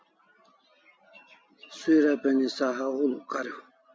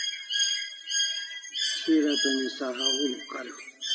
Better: first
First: none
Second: background sound (Bird); 1 dB above the speech // room echo; dies away in 0.5 s

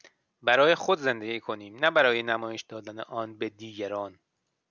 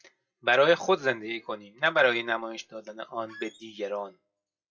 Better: first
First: none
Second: noise reduction (classical method WPE with log-MMSE)

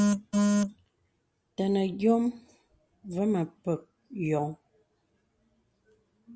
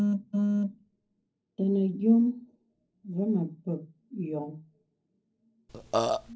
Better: first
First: none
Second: noise reduction (neural separator model SepFormer DNS4)

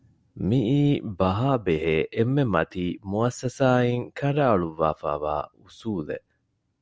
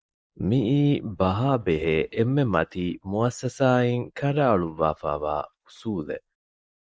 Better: first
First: none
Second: noise reduction (neural mask model Resemble Enhance denoiser)

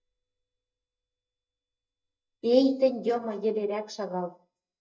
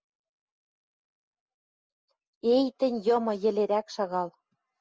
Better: second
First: noise reduction (neural mask model DeepFilterNet 3)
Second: none

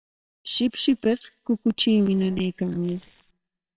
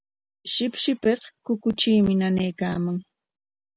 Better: second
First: noise reduction (neural separator model SepFormer WHAMR!)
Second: none

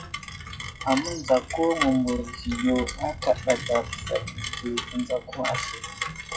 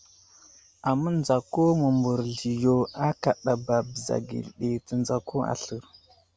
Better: second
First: noise reduction (classical method WPE with log-MMSE)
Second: none

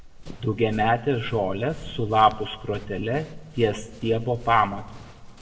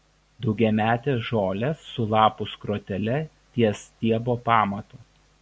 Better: second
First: background sound (Run); 14 dB below the speech // room echo; dies away in 1.1 s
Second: none

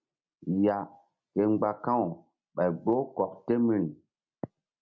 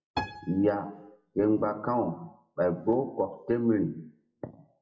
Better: first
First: none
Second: noise reduction (classical method WPE with log-MMSE)

